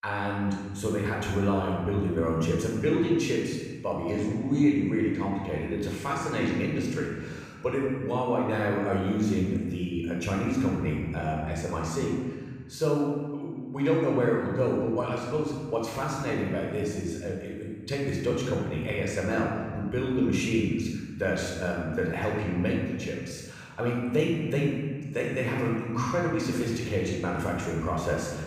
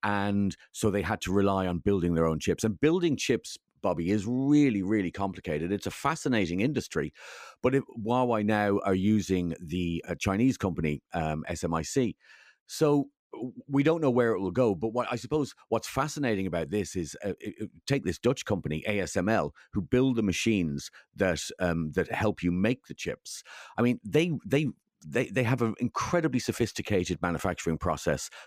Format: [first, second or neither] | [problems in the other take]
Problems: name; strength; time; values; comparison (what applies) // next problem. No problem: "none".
second | room echo; noticeable; dies away in 1.4 s // off-mic speech; far